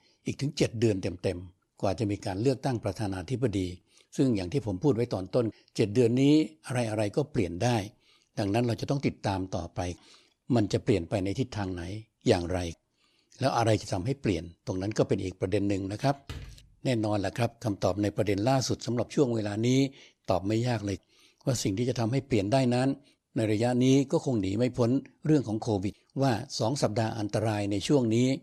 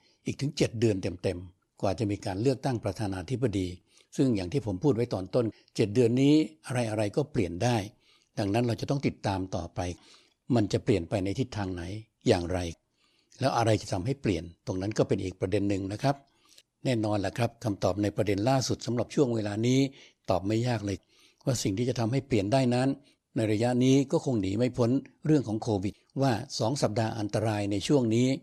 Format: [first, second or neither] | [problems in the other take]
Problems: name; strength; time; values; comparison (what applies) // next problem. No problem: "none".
second | door banging; faint; at 16 s; peak 15 dB below the speech